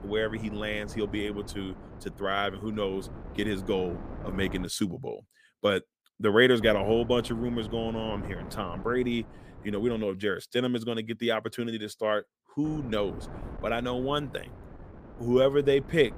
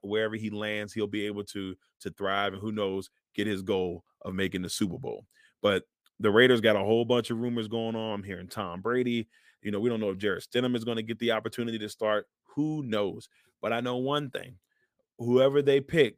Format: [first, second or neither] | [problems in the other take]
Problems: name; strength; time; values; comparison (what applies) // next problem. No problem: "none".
second | wind noise on the microphone; occasional gusts; until 4.5 s, from 6.5 to 10 s and from 13 s on; 15 dB below the speech